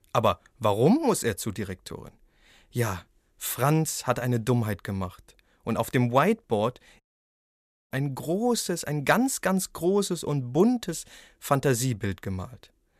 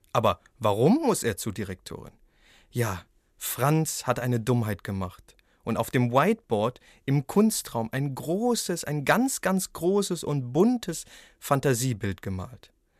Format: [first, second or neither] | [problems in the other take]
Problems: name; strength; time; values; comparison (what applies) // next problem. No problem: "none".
second | audio cutting out; at 7 s for 1 s